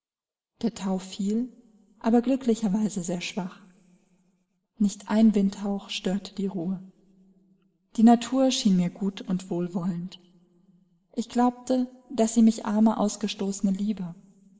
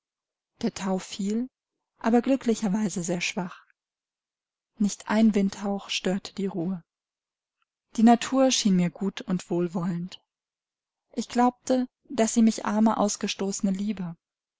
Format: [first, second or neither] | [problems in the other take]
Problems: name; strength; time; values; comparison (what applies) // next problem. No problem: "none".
second | room echo; dies away in 1.2 s